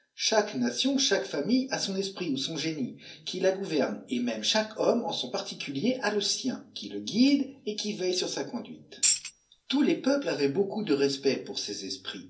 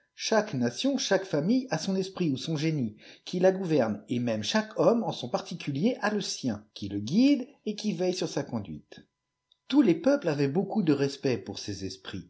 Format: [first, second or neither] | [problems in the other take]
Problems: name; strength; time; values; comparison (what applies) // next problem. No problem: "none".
second | background sound (Tambourine); 1 dB below the speech // room echo; dies away in 0.3 s